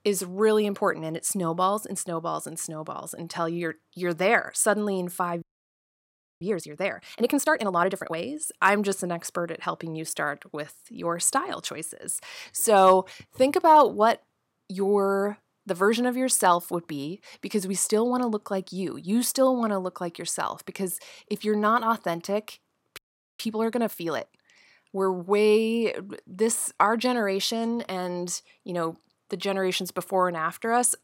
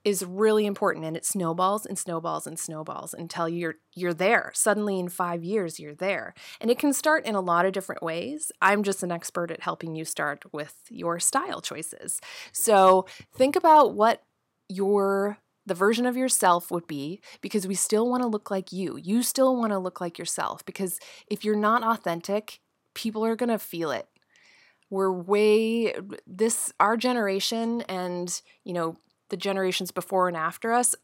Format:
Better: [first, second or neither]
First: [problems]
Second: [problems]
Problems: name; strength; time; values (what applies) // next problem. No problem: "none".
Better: second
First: audio freezing; at 5.5 s for 1 s and at 23 s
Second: none